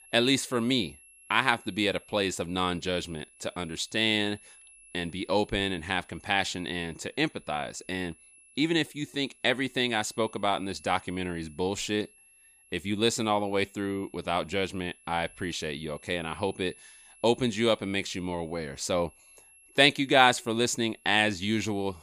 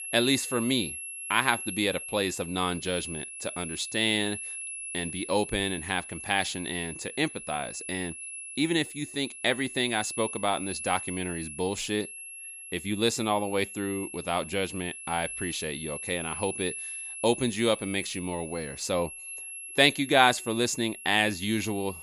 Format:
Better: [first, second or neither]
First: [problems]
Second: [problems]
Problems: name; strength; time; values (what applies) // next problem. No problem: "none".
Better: first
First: high-pitched whine; faint; throughout; 11 kHz, 25 dB below the speech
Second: high-pitched whine; loud; throughout; 11 kHz, 9 dB below the speech